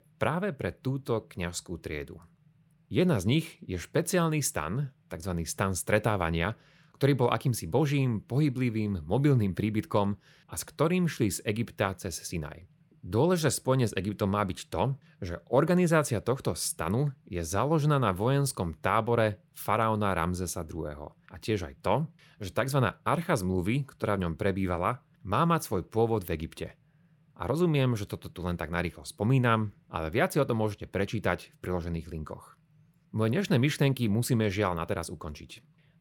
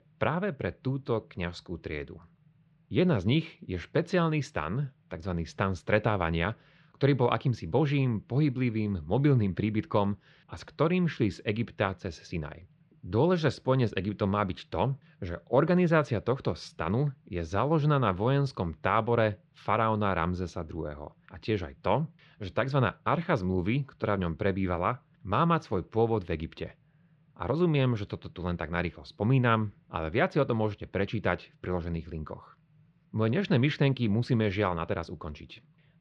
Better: first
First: none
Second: muffled; slightly; fading above 4 kHz

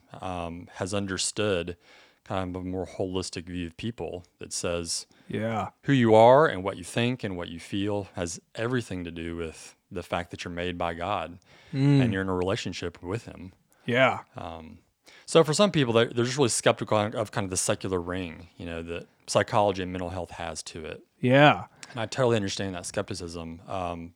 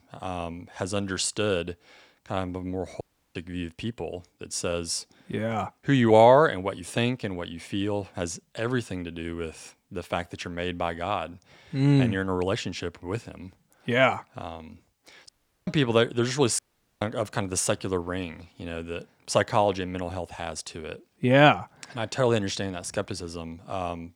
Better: first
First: none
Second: audio cutting out; at 3 s, at 15 s and at 17 s

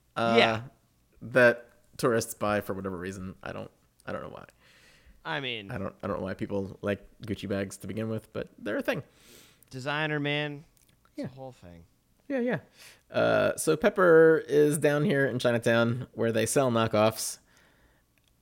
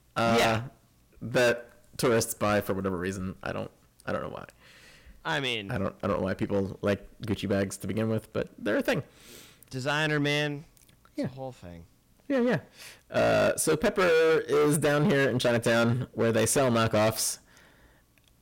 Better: first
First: none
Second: distortion; heavy; 10% of the sound clipped

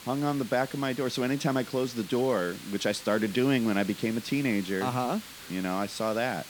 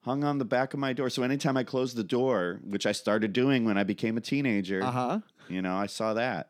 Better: second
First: hiss; noticeable; throughout; 15 dB below the speech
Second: none

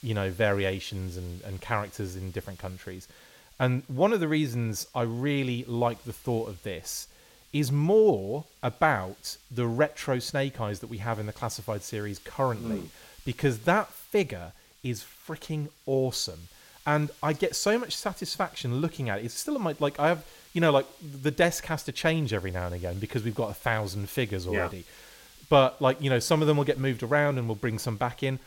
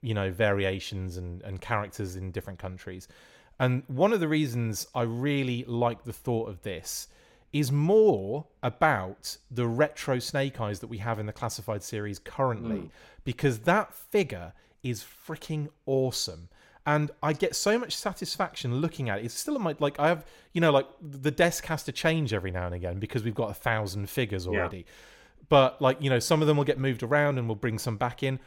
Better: second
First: hiss; faint; throughout; 25 dB below the speech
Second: none

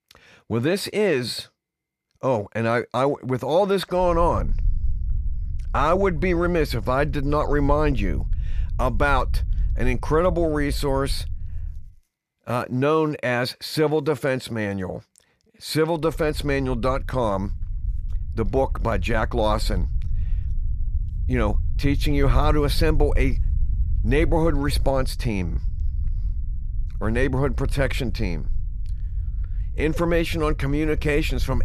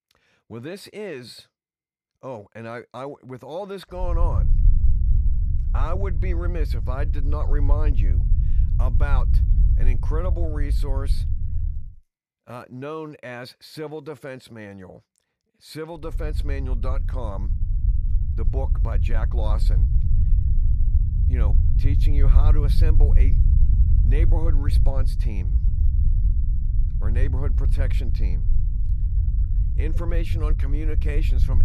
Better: first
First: low rumble; faint; from 4 to 12 s and from 16 s on; 25 dB below the speech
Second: low rumble; loud; from 4 to 12 s and from 16 s on; 6 dB below the speech

